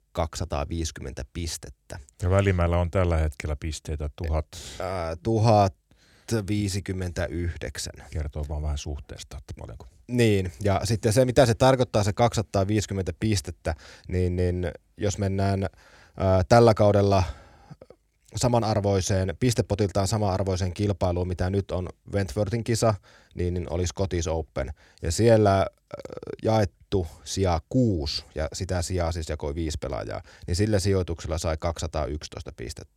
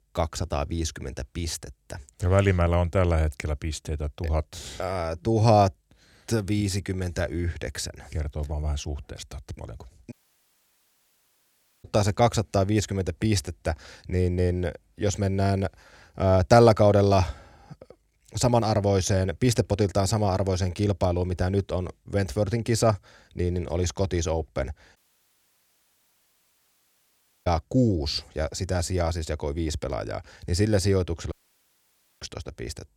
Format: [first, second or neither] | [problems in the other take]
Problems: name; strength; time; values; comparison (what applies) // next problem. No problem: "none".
first | audio cutting out; at 10 s for 1.5 s, at 25 s for 2.5 s and at 31 s for 1 s